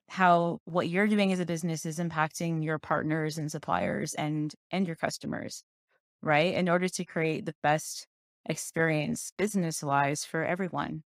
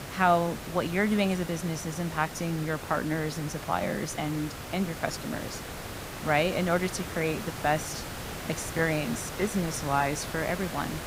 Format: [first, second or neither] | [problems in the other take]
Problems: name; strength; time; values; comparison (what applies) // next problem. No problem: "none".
first | hiss; loud; throughout; 8 dB below the speech